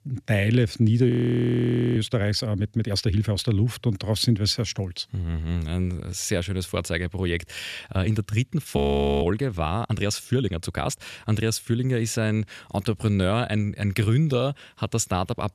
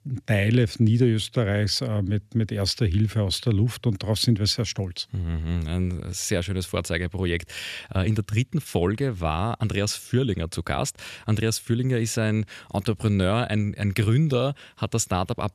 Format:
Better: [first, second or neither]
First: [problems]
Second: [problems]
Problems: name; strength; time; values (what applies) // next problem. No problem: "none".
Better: second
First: audio freezing; at 1 s for 1 s and at 9 s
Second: none